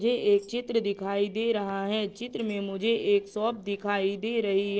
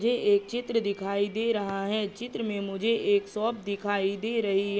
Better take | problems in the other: second | noise reduction (neural separator model SepFormer DNS4)

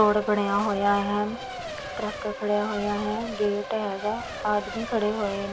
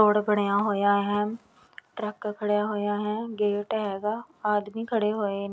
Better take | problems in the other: second | background sound (Race car, auto racing / Accelerating, revving, vroom / Mechanisms); 9 dB below the speech

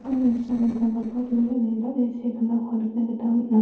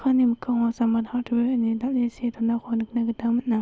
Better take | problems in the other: second | noise reduction (neural separator model SepFormer DNS4)

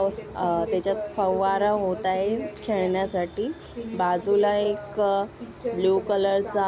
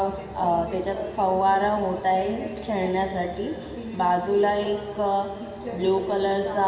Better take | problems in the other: first | room echo; dies away in 1.6 s

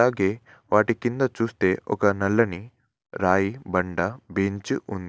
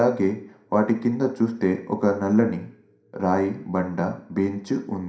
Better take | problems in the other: first | room echo; dies away in 0.5 s

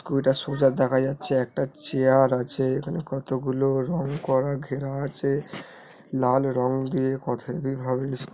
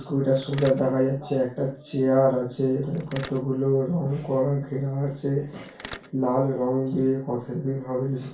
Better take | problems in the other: first | background sound (Mechanisms); 16 dB below the speech // room echo; dies away in 0.3 s

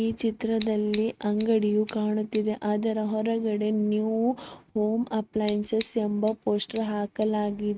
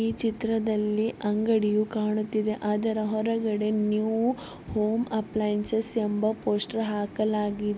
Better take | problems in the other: second | noise reduction (neural mask model RNNoise)

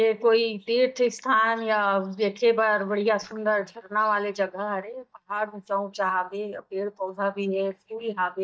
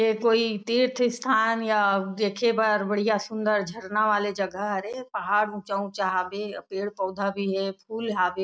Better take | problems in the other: second | noise reduction (neural mask model DeepFilterNet 3)

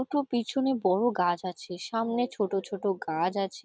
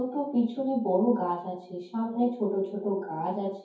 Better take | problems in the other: first | room echo; dies away in 0.6 s

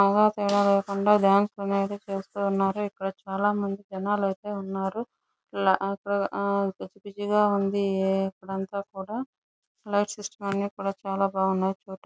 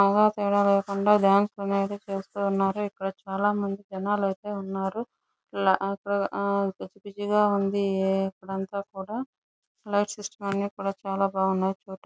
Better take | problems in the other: second | background sound (Snare drum); 18 dB below the speech

